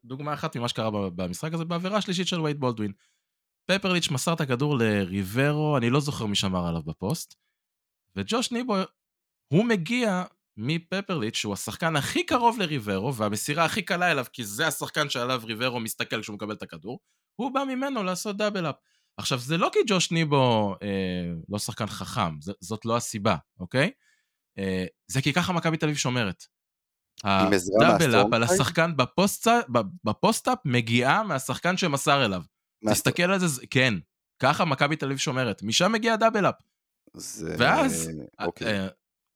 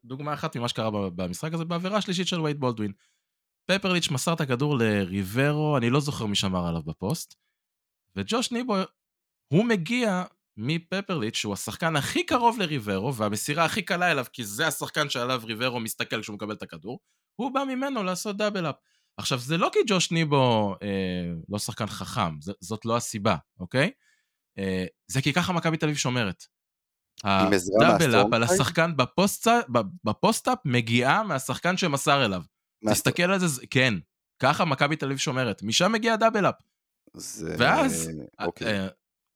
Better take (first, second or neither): neither